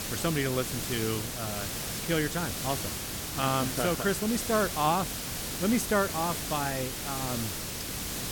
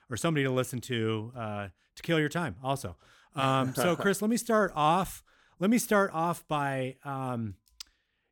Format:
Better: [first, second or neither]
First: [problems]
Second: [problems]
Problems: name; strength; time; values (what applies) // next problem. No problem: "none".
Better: second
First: hiss; loud; throughout; 3 dB below the speech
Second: none